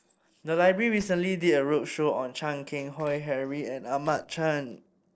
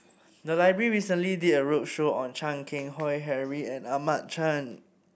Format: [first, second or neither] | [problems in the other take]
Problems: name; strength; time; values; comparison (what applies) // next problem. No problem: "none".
second | noise reduction (neural separator model SepFormer DNS4)